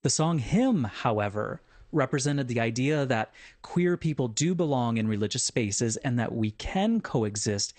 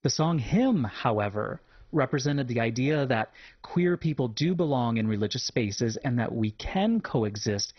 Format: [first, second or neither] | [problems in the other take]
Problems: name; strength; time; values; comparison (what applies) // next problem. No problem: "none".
first | garbled, watery; badly; nothing above 6 kHz; slightly in the first